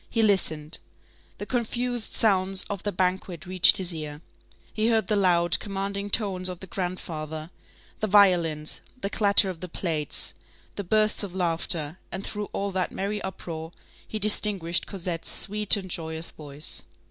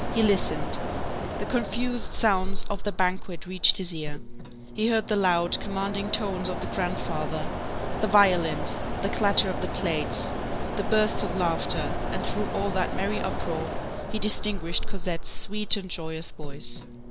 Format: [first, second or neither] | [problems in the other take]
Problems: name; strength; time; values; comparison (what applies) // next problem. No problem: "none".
first | background sound (Mechanisms); 1 dB above the speech